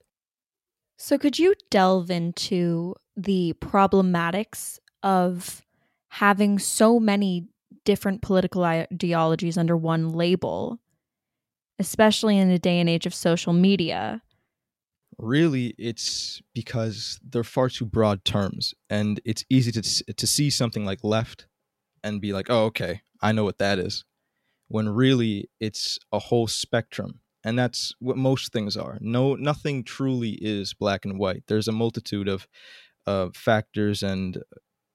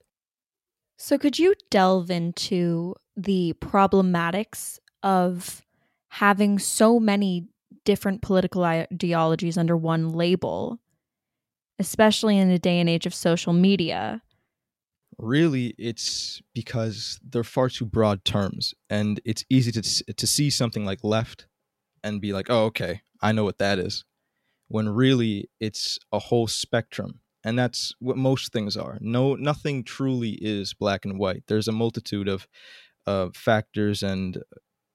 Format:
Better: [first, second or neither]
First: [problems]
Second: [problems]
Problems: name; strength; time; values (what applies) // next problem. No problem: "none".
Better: neither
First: none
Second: none